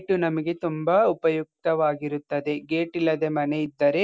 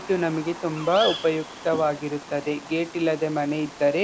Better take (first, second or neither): first